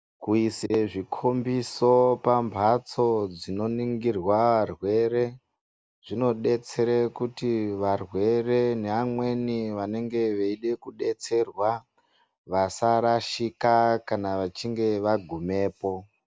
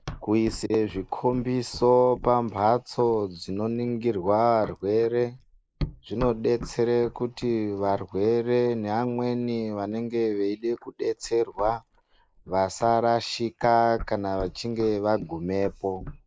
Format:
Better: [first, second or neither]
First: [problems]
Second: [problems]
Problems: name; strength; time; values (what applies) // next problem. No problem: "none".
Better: first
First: none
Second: noise reduction (neural mask model Resemble Enhance denoiser)